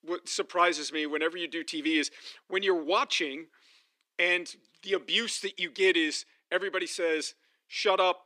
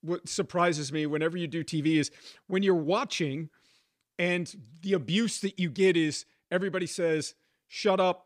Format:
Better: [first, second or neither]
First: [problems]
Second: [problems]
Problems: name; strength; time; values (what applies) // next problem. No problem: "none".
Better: second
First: thin; somewhat; fading below 300 Hz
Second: none